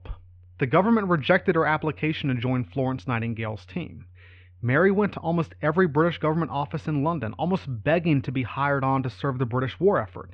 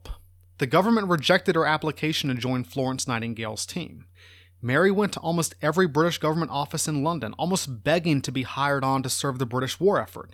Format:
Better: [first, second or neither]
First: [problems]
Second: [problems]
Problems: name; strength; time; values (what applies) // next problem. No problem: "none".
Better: second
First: muffled; very; fading above 2.5 kHz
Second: none